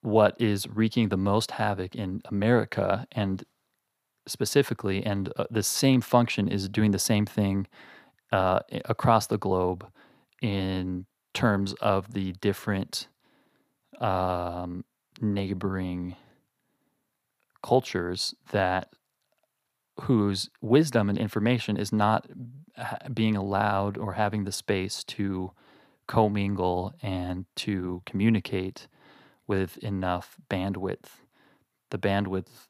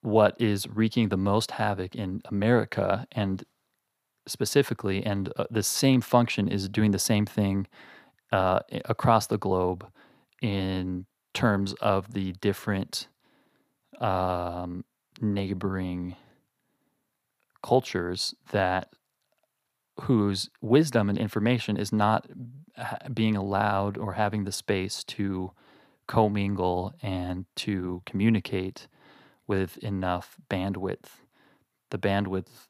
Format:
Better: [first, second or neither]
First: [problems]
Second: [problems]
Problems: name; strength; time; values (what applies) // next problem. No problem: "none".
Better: neither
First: none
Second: none